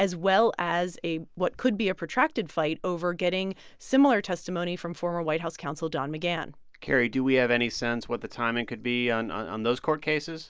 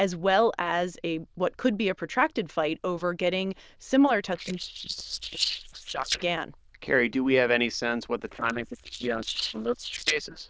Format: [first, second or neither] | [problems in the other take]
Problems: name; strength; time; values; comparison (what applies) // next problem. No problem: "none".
first | noise reduction (neural diffusion model UNIVERSE++)